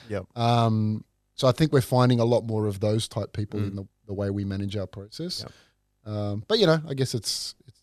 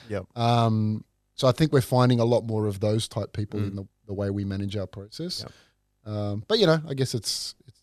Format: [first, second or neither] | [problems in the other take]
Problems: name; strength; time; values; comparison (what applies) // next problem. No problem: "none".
neither | none